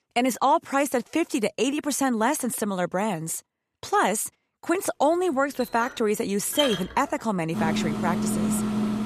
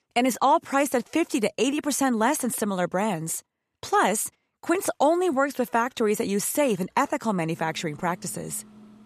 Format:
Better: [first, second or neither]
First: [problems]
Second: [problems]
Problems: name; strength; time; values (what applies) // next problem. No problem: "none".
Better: second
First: household noises; loud; from 5.5 s on; 3 dB below the speech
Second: household noises; faint; from 5.5 s on; 25 dB below the speech